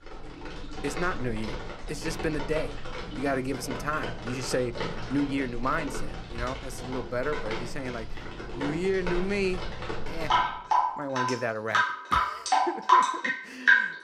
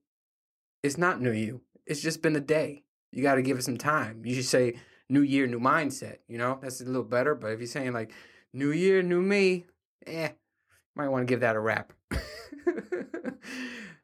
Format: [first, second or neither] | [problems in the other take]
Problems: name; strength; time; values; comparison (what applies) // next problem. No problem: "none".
second | rain or running water; very loud; throughout; 3 dB above the speech